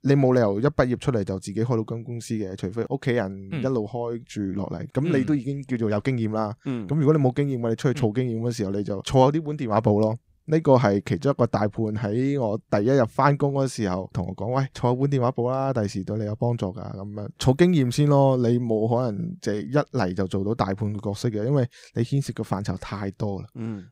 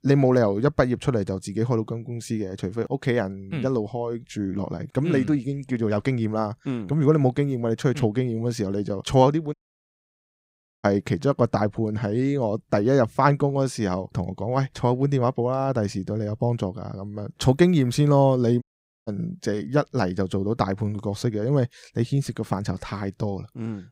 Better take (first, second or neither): first